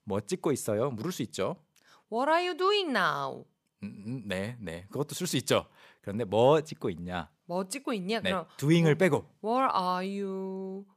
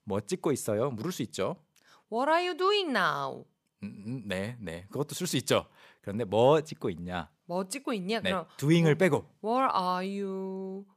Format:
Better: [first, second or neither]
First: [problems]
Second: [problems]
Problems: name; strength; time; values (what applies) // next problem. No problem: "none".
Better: neither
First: none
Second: none